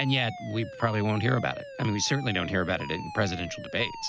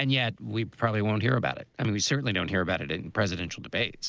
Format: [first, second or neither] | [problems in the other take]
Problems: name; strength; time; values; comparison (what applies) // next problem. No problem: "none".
second | background sound (Alarm); 12 dB below the speech